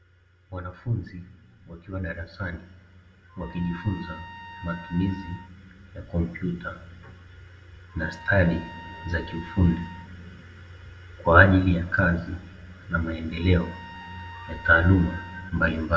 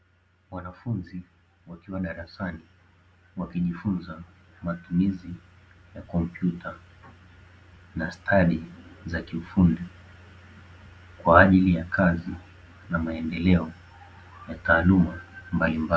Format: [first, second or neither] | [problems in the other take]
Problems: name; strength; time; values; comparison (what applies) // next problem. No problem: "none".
second | background sound (Trumpet); 19 dB below the speech // room echo; dies away in 0.8 s